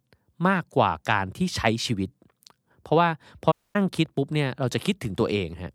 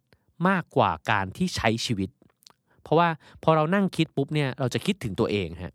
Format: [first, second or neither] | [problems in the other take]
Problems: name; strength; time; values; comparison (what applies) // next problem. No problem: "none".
second | audio cutting out; at 3.5 s